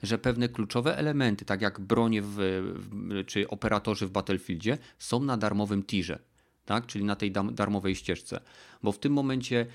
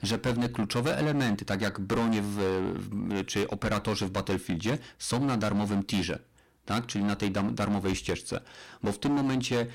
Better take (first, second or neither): first